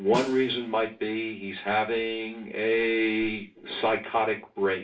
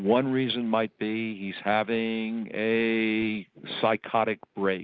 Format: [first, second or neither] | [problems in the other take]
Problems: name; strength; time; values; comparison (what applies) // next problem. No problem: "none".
second | background sound (Snare drum); 16 dB below the speech // room echo; dies away in 0.3 s